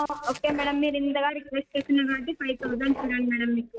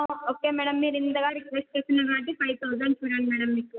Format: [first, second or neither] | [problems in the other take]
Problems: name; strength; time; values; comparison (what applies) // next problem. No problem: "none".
second | noise reduction (neural mask model RNNoise)